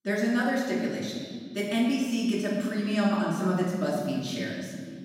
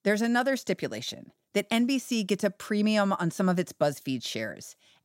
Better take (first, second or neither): second